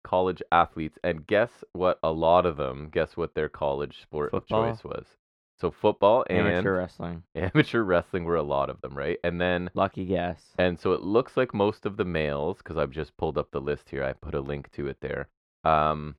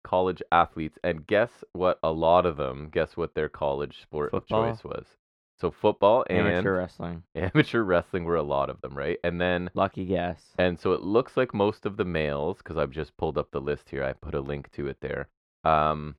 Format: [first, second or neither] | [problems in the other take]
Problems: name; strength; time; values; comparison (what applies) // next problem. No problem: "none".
neither | muffled; slightly; fading above 3 kHz; the same in both